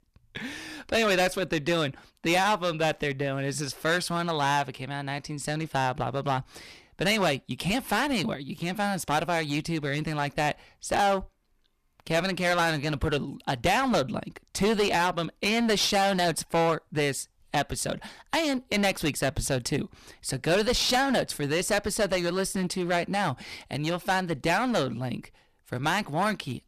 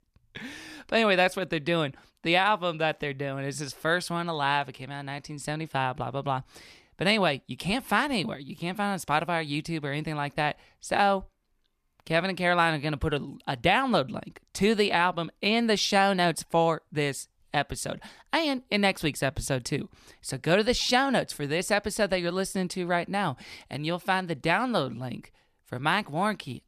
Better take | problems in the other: second | distortion; heavy; 10% of the sound clipped

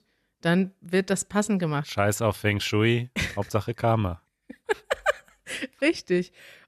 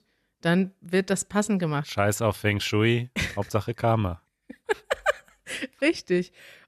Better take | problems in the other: neither | none

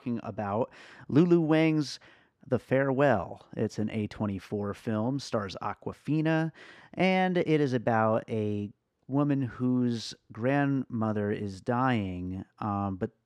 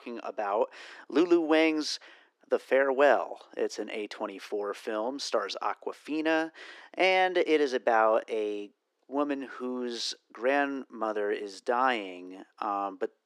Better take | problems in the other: first | thin; somewhat; fading below 350 Hz

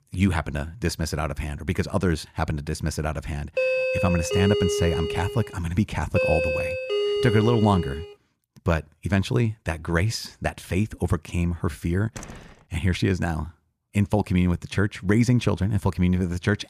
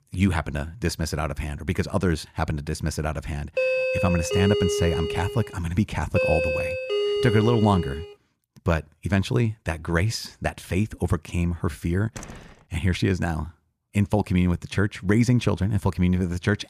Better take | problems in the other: neither | doorbell; loud; from 3.5 to 8 s; peak 2 dB above the speech; the same in both // door banging; faint; at 12 s; peak 15 dB below the speech; the same in both

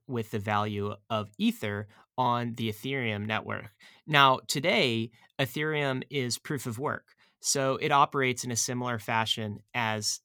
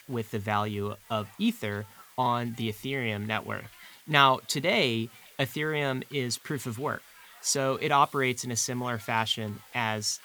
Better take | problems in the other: first | hiss; faint; throughout; 20 dB below the speech

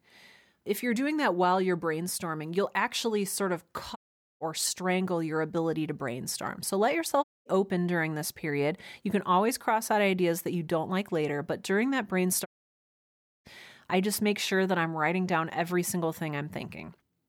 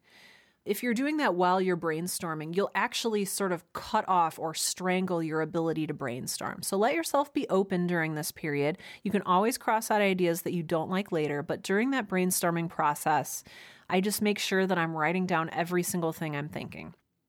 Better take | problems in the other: second | audio cutting out; at 4 s, at 7 s and at 12 s for 1 s

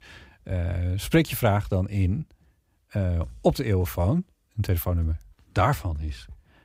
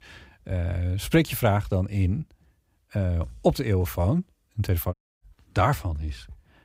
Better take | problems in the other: first | audio cutting out; at 5 s

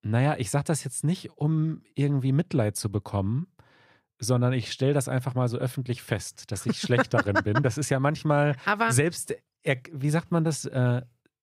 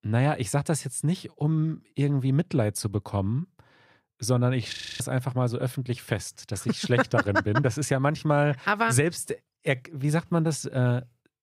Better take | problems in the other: first | audio freezing; at 4.5 s

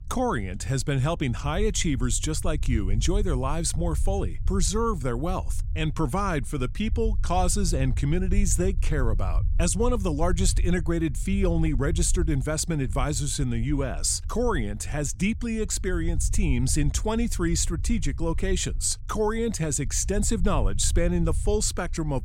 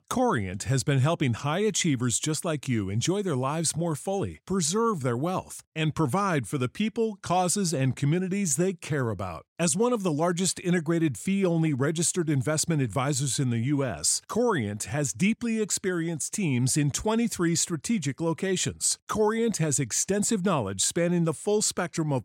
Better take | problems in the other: second | low rumble; faint; throughout; 20 dB below the speech

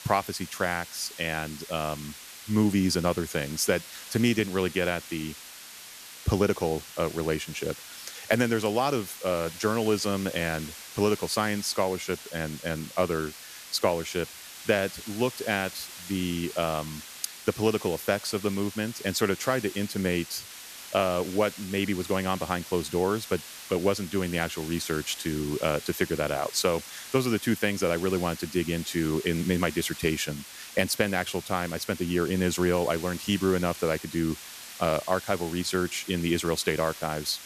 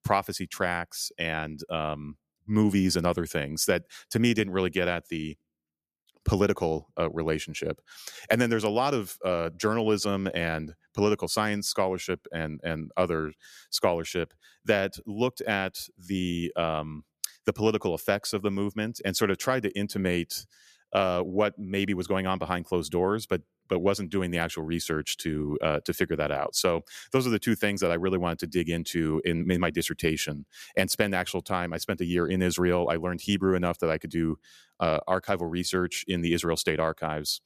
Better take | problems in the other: second | hiss; noticeable; throughout; 15 dB below the speech

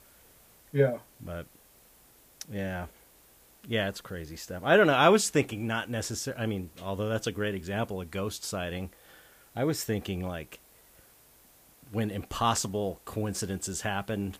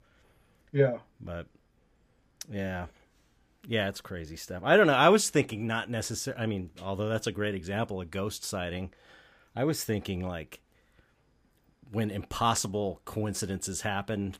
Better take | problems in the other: second | hiss; faint; throughout; 25 dB below the speech

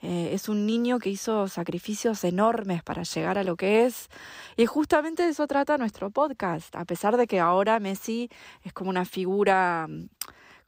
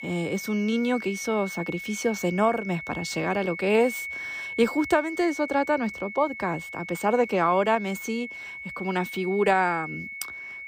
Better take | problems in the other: first | high-pitched whine; loud; throughout; 2 kHz, 9 dB below the speech

